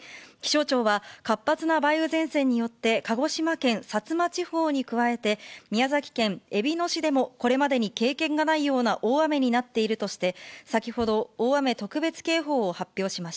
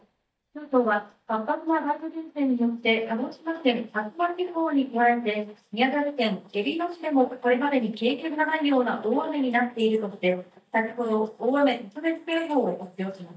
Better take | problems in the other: first | noise reduction (neural mask model DeepFilterNet 3)

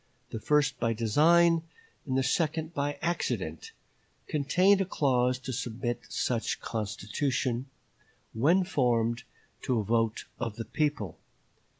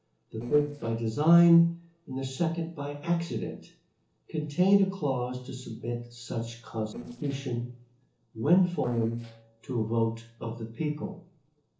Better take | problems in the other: first | noise reduction (neural separator model SepFormer DNS4)

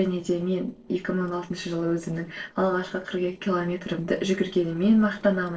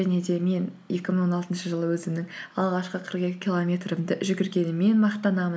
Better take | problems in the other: second | noise reduction (neural separator model SepFormer DNS4)

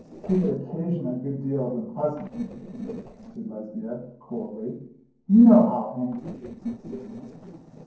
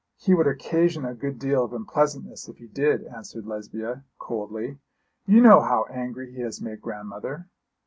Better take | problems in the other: second | noise reduction (neural separator model SepFormer DNS4)

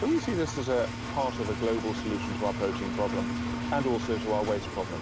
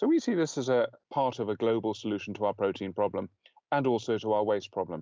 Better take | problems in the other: second | background sound (Engine); 3 dB below the speech

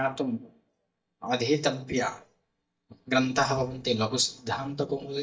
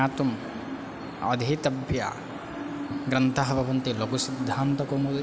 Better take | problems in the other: second | noise reduction (neural mask model DeepFilterNet 3)

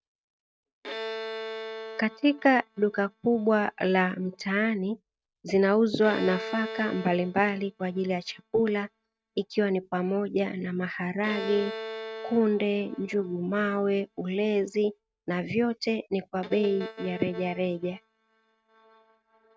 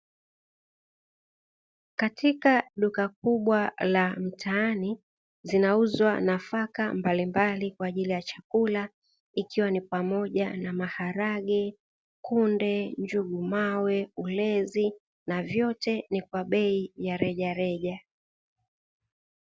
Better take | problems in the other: second | noise reduction (neural mask model RNNoise)

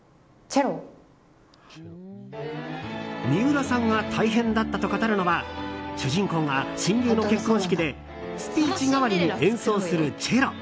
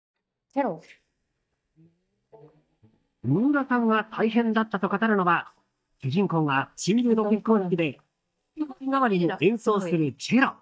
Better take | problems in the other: first | noise reduction (neural mask model DeepFilterNet 3)

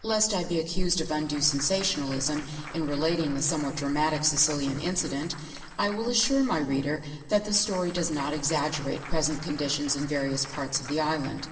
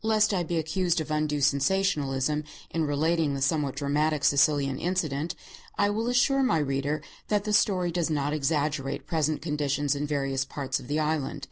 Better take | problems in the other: second | background sound (Applause / Cheering / Clapping); 18 dB below the speech // room echo; dies away in 2.1 s

